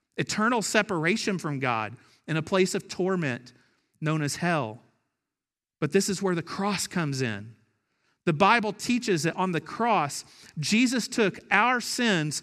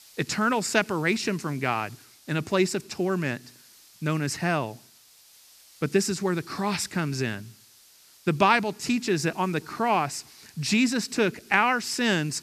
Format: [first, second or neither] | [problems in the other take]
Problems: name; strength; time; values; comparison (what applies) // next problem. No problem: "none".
first | hiss; faint; throughout; 25 dB below the speech